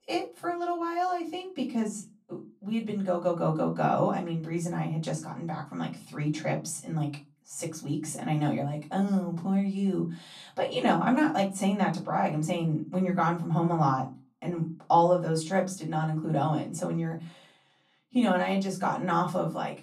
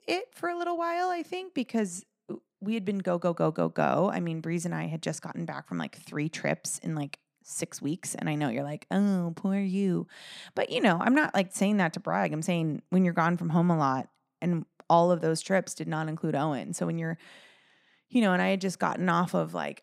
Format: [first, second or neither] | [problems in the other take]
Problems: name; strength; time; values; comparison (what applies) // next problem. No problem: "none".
second | off-mic speech; far // room echo; very slight; dies away in 0.3 s